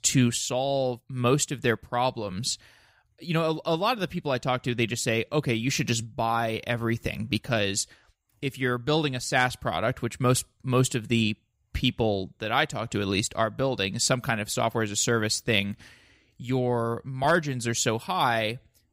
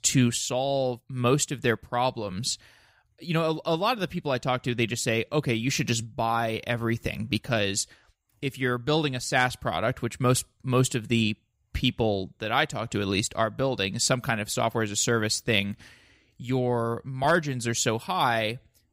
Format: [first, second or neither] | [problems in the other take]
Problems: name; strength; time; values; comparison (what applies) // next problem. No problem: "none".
neither | none